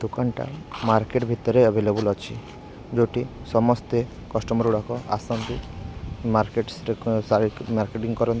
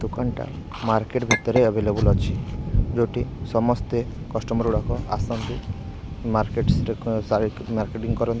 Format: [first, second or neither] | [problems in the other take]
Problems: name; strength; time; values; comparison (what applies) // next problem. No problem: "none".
first | background sound (Chink, clink + Thunder); 2 dB below the speech